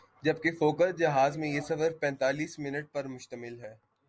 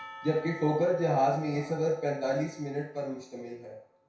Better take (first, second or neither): first